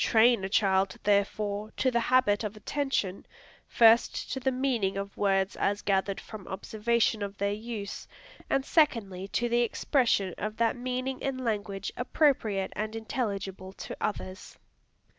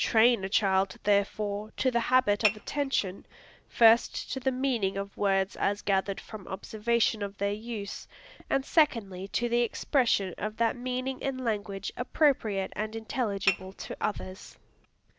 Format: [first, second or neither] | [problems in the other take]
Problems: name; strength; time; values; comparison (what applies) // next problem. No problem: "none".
first | background sound (Dishes, pots, and pans / Chink, clink); 8 dB below the speech